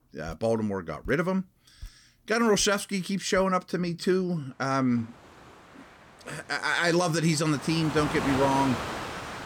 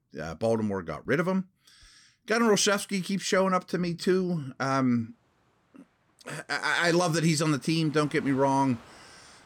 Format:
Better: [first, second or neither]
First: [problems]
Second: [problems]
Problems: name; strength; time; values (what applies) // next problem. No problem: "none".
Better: second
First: rain or running water; loud; throughout; 7 dB below the speech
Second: rain or running water; faint; throughout; 25 dB below the speech